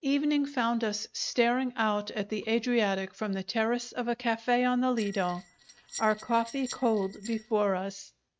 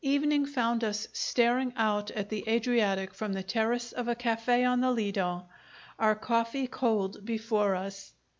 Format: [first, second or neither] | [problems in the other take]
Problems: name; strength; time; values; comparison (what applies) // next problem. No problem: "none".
second | noise reduction (neural mask model RNNoise)